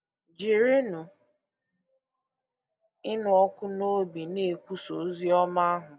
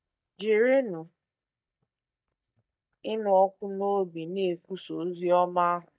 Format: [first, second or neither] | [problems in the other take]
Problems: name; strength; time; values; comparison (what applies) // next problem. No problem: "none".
first | noise reduction (neural mask model DeepFilterNet 3)